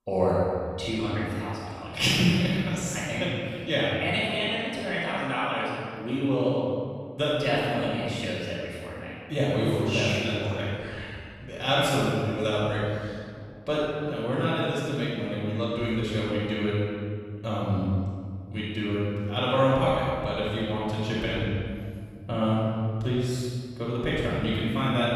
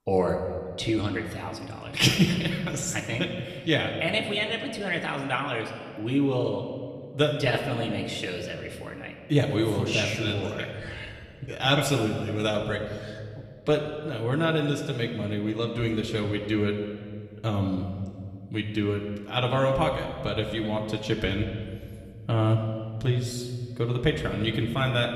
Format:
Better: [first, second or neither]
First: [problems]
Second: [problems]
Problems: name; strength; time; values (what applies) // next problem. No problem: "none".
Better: second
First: room echo; strong; dies away in 1.9 s // off-mic speech; far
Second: room echo; slight; dies away in 1.7 s // off-mic speech; somewhat distant